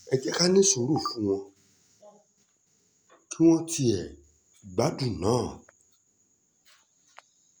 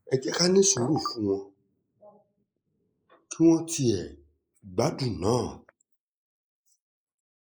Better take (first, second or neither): first